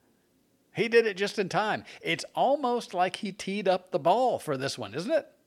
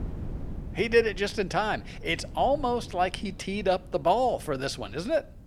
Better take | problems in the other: first | wind noise on the microphone; occasional gusts; 25 dB below the speech

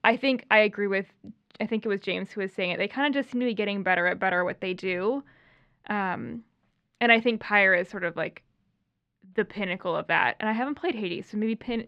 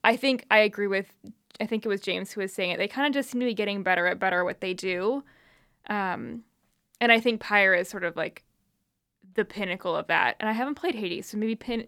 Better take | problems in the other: second | muffled; very slightly; fading above 3 kHz

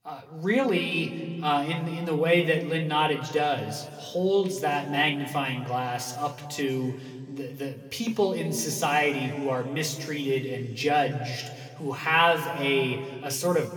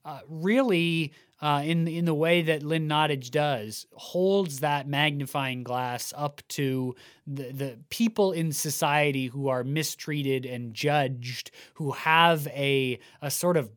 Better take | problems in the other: second | room echo; slight; dies away in 1.9 s // off-mic speech; somewhat distant

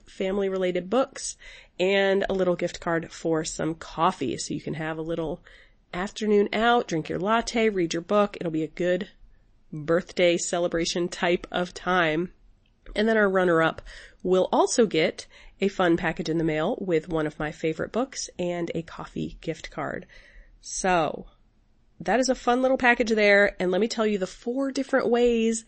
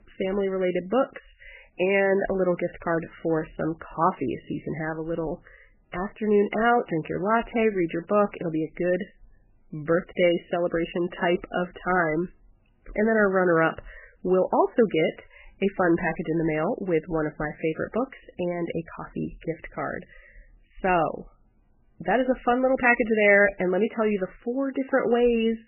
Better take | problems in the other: first | garbled, watery; badly; nothing above 3 kHz; slightly in the first

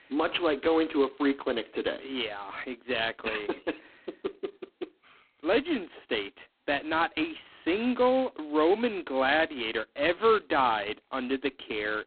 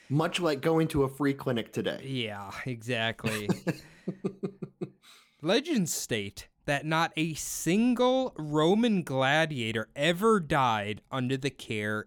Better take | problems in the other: second | phone-call audio; poor line; nothing above 4 kHz

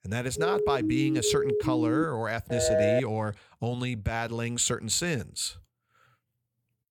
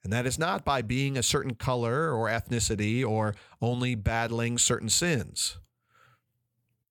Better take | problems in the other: second | siren; loud; until 2 s; peak 3 dB above the speech // phone ringing; loud; at 2.5 s; peak 5 dB above the speech

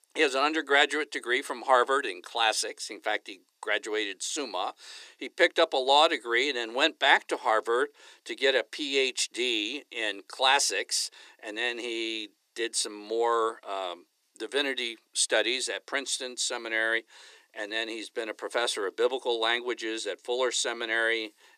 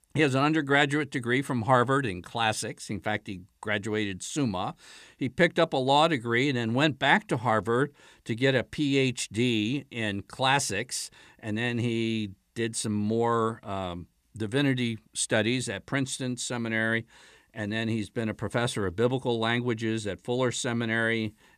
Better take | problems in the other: second | thin; very; fading below 350 Hz

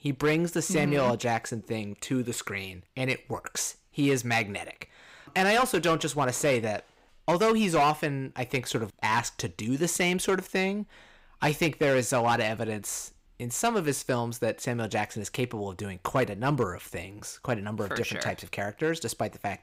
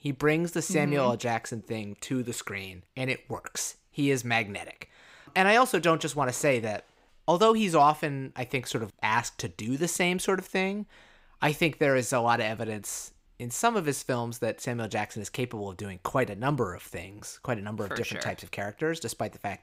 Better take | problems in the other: second | distortion; slight; 4% of the sound clipped

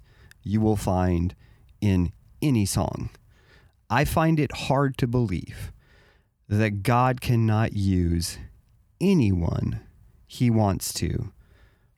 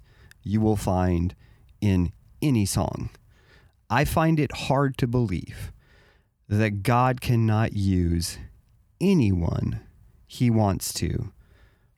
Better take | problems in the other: neither | none

